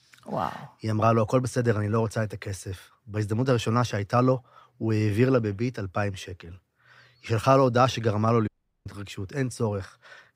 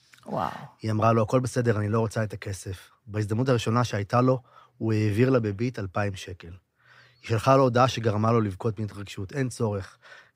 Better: second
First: audio cutting out; at 8.5 s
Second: none

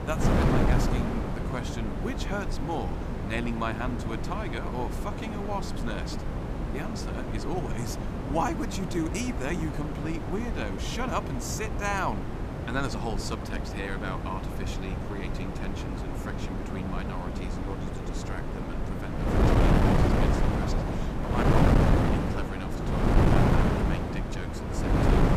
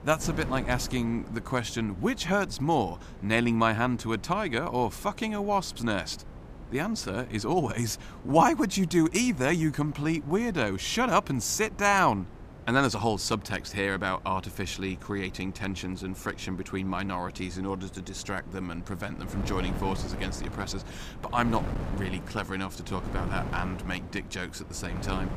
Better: second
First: wind noise on the microphone; heavy; 2 dB above the speech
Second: wind noise on the microphone; occasional gusts; 15 dB below the speech

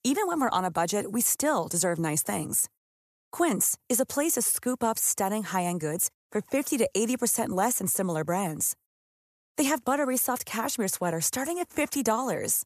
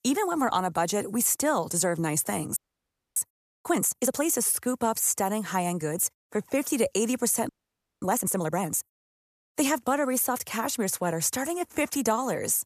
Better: first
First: none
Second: audio freezing; at 2.5 s for 0.5 s and at 7.5 s for 0.5 s

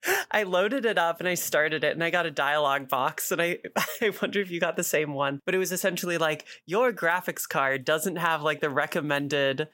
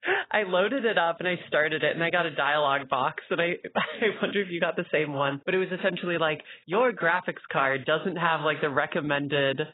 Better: first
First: none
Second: garbled, watery; badly; nothing above 4 kHz

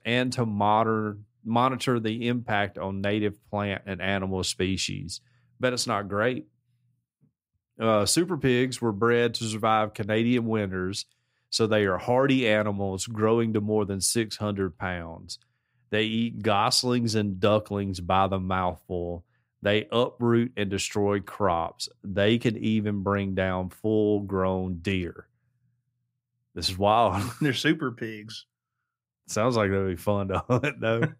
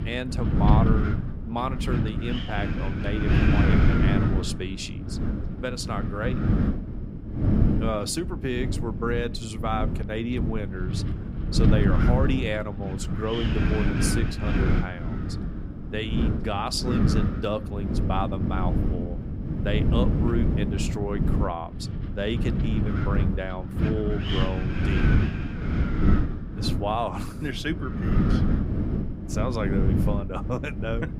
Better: first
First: none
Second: wind noise on the microphone; heavy; 2 dB below the speech

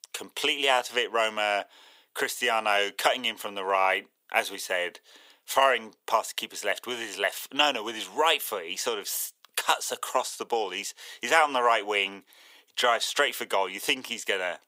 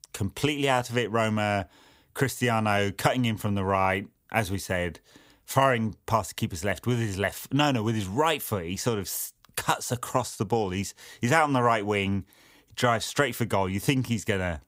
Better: second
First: thin; very; fading below 450 Hz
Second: none

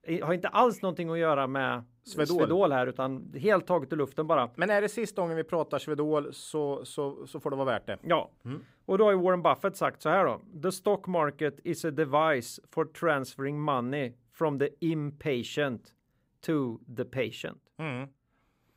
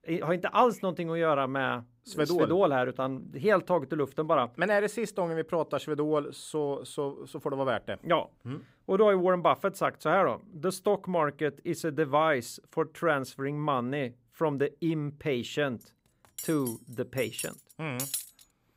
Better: first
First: none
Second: clattering dishes; noticeable; from 16 to 18 s; peak 4 dB below the speech

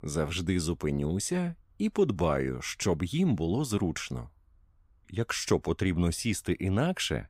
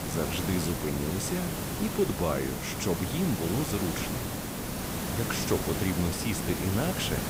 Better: first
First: none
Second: hiss; loud; throughout; 1 dB below the speech

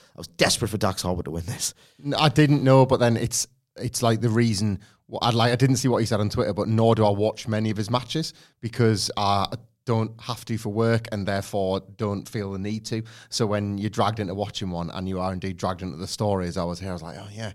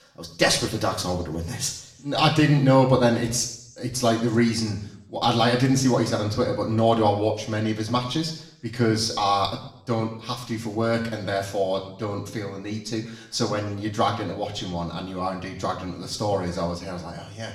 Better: first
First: none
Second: room echo; slight; dies away in 0.7 s // off-mic speech; somewhat distant

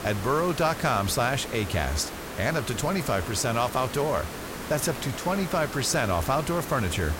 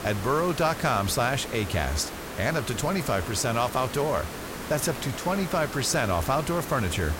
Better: neither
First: hiss; loud; throughout; 9 dB below the speech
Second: hiss; loud; throughout; 9 dB below the speech

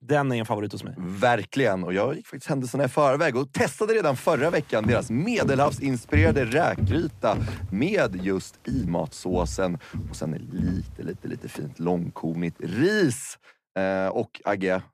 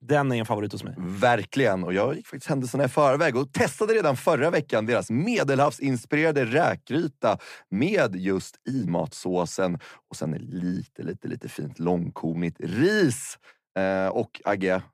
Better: second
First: footsteps; loud; from 5 to 11 s; peak 1 dB above the speech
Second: none

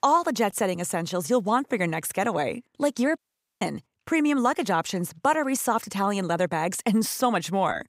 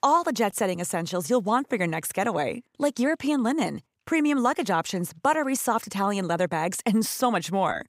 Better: second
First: audio cutting out; at 3 s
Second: none

